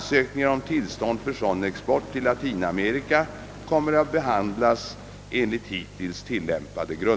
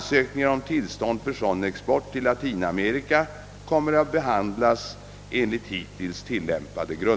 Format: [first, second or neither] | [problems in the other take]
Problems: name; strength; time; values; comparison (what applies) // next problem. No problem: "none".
second | background sound (Gunshot, gunfire / Fireworks); 19 dB below the speech